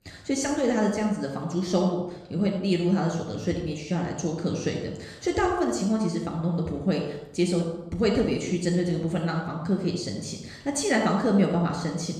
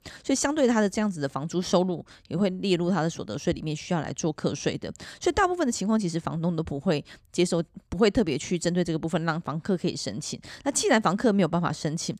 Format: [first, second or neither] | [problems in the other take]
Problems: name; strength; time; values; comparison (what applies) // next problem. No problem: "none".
second | off-mic speech; somewhat distant // room echo; noticeable; dies away in 0.7 s